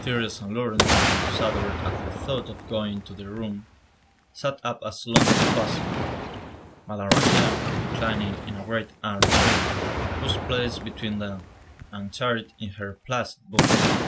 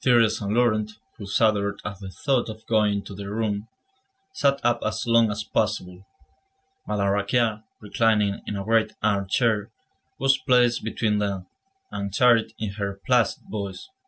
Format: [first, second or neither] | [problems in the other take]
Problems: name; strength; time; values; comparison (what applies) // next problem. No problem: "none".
second | background sound (Boom); 4 dB above the speech